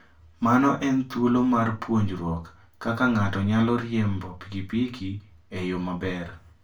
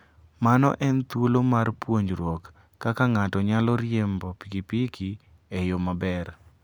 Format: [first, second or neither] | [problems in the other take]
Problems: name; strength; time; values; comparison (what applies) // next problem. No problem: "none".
second | room echo; dies away in 0.3 s